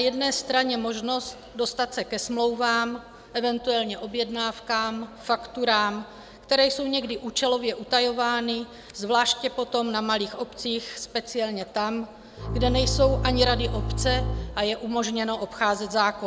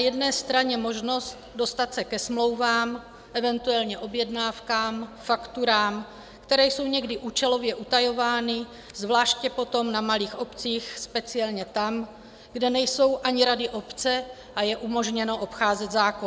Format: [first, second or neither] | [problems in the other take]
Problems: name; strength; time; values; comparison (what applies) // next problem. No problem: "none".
second | background sound (Bowed string instrument); 2 dB below the speech